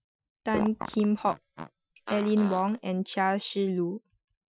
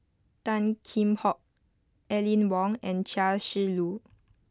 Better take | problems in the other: second | noise reduction (classical method Wiener filter)

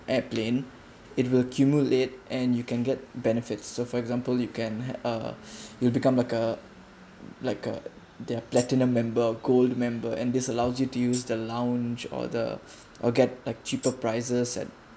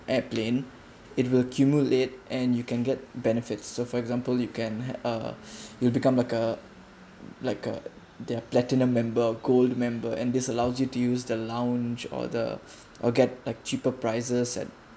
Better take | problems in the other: second | background sound (Tambourine); 17 dB below the speech

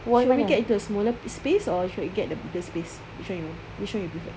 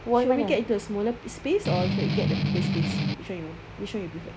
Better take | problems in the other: first | background sound (Strum); 3 dB above the speech

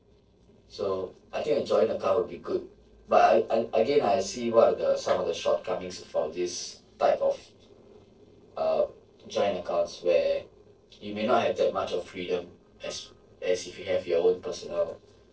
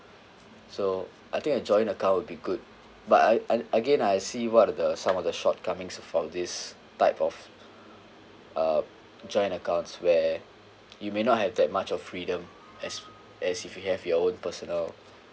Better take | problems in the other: second | noise reduction (neural separator model SepFormer DNS4)

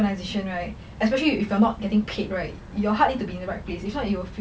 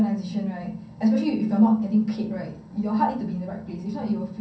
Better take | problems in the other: first | room echo; dies away in 0.6 s

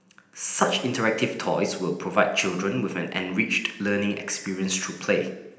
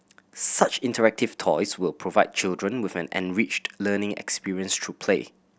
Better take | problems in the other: second | room echo; dies away in 0.8 s

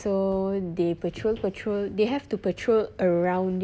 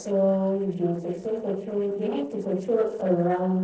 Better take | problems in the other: first | noise reduction (neural separator model SepFormer DNS4)

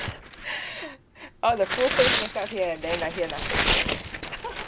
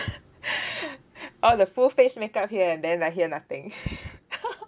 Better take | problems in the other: second | background sound (Tearing); 1 dB below the speech

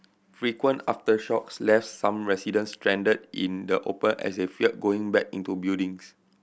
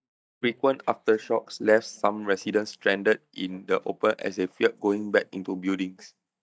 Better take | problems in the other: first | noise reduction (neural mask model DeepFilterNet 3)

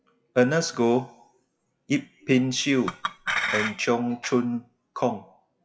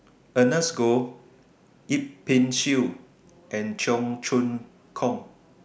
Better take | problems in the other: second | noise reduction (classical method WPE with log-MMSE)

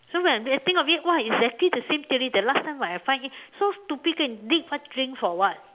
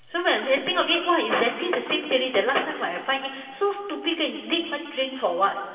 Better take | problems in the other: first | room echo; dies away in 2.5 s

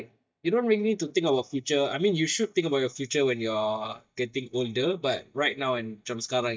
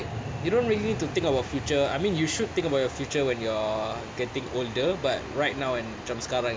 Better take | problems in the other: second | noise reduction (neural mask model DeepFilterNet 3)

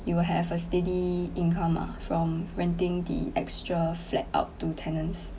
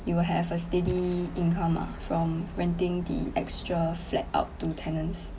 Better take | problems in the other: first | background sound (Splash, splatter + Truck); 15 dB below the speech

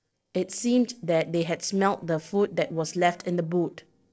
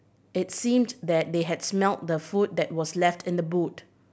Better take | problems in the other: second | noise reduction (neural separator model SepFormer DNS4)

